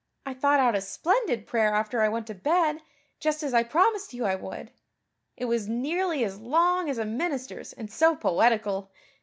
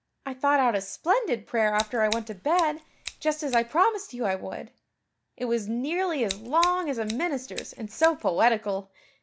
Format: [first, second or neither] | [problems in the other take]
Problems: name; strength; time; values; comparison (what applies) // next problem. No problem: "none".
first | background sound (Scissors); 13 dB below the speech